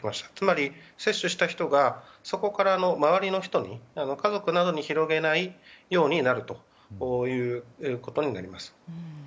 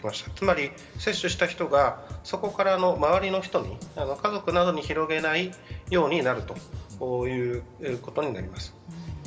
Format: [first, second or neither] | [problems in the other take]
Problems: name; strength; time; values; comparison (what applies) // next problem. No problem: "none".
first | background sound (Drum kit); 14 dB below the speech // room echo; dies away in 1.1 s